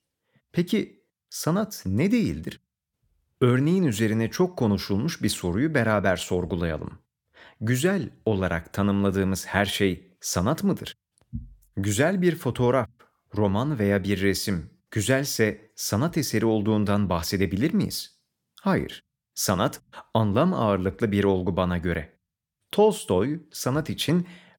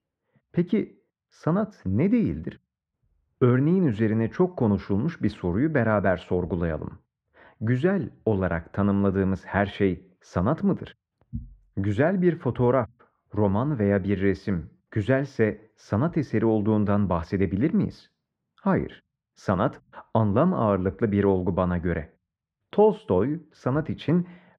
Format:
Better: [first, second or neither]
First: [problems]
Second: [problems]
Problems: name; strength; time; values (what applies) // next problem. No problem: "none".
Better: first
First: none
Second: muffled; very; fading above 1.5 kHz